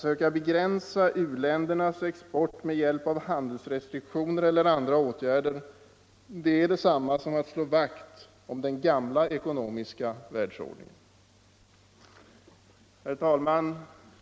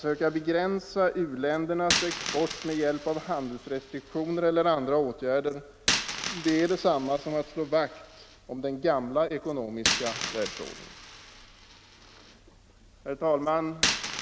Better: first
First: none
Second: background sound (Coin (dropping)); 7 dB below the speech

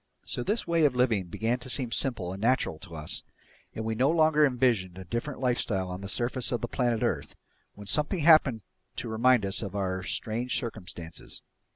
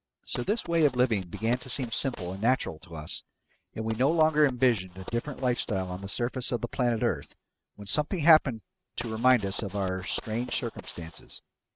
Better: first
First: none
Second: noise reduction (neural mask model RNNoise)

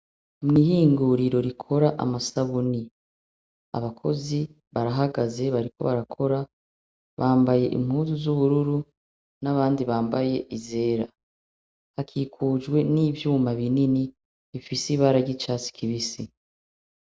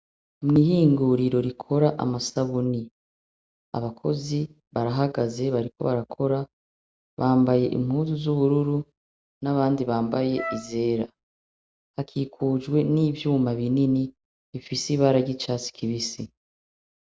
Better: first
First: none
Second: background sound (Wind instrument, woodwind instrument); 11 dB below the speech

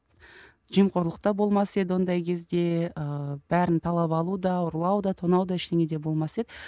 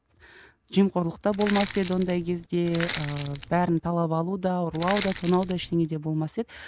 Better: first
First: none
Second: background sound (Crushing); 11 dB below the speech

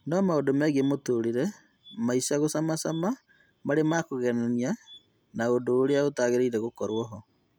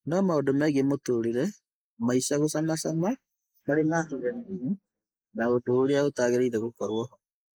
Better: first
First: none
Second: noise reduction (neural mask model Resemble Enhance denoiser)

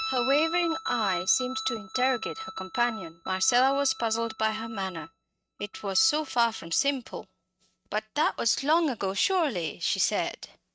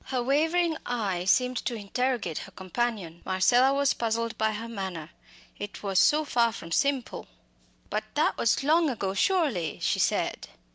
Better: second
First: noise reduction (neural mask model RNNoise)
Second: none

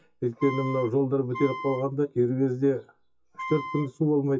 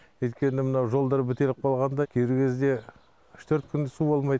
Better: second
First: noise reduction (classical method WPE with log-MMSE)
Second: none

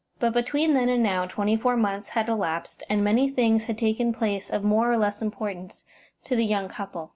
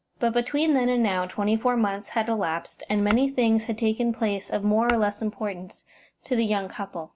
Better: first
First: none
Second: background sound (Tap / Glass); 15 dB below the speech

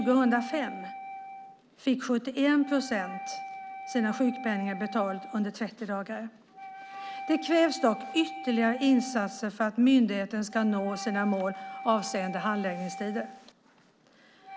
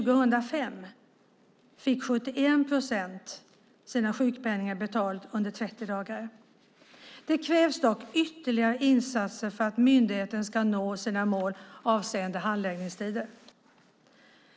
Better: second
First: background sound (Wind instrument, woodwind instrument); 13 dB below the speech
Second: none

